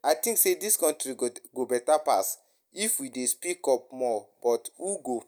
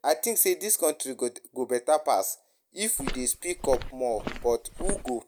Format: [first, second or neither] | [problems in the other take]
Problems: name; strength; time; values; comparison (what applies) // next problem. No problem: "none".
first | background sound (Walk, footsteps); 7 dB below the speech